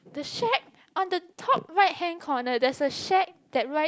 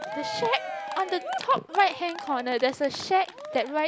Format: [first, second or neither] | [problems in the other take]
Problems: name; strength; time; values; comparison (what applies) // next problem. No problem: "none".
first | background sound (Cheering); 10 dB below the speech